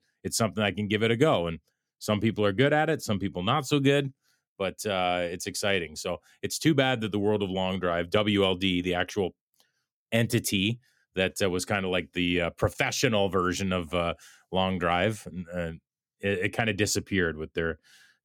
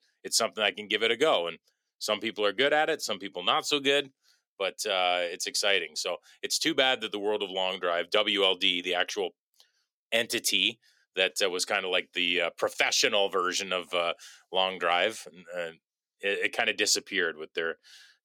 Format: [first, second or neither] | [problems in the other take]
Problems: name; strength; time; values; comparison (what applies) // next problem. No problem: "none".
first | thin; somewhat; fading below 500 Hz